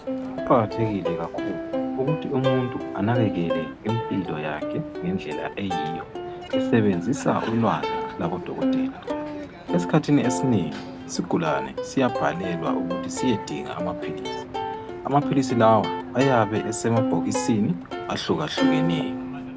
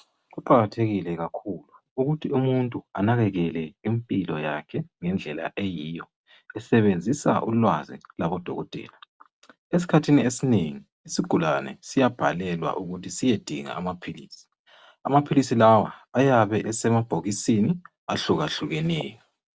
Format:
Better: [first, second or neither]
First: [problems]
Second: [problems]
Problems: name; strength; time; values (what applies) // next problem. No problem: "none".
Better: second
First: background sound (Plucked string instrument); 3 dB below the speech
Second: none